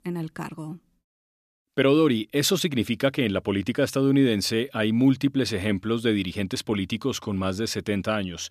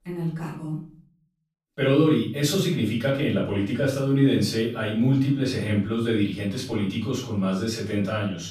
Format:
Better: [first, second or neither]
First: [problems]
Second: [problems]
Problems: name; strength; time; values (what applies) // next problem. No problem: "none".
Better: first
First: none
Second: room echo; noticeable; dies away in 0.5 s // off-mic speech; far